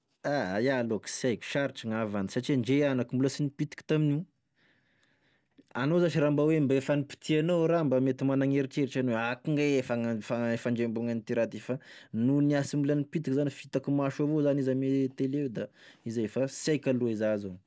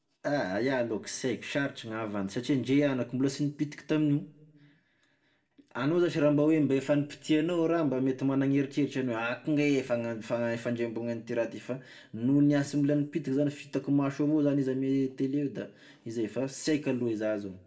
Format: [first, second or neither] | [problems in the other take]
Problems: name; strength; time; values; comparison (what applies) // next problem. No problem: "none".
first | room echo; dies away in 0.4 s